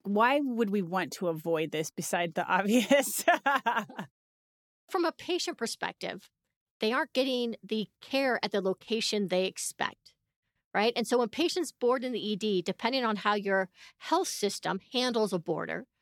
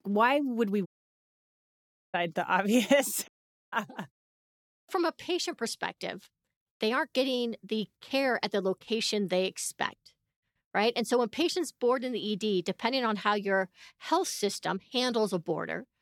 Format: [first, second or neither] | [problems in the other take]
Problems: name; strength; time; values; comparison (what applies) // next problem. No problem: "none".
first | audio cutting out; at 1 s for 1.5 s and at 3.5 s